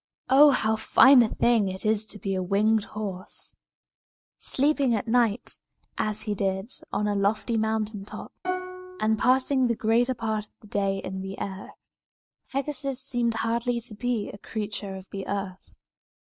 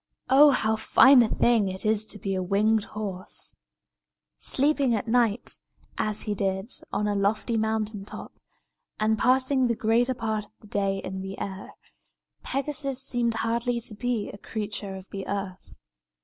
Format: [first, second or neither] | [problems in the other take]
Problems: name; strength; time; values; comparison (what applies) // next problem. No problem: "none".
second | noise reduction (neural mask model RNNoise)